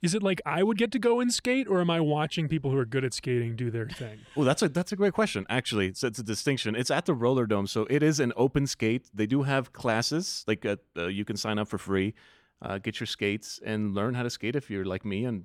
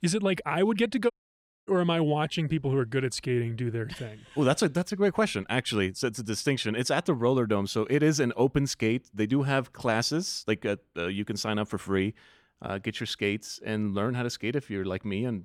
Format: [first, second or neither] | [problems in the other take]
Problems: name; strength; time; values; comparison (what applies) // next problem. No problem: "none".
first | audio cutting out; at 1 s for 0.5 s